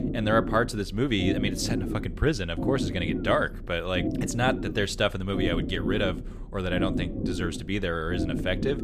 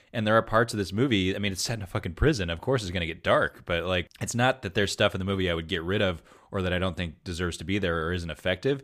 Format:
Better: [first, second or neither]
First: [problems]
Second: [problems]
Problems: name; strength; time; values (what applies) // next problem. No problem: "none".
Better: second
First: low rumble; loud; throughout; 8 dB below the speech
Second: none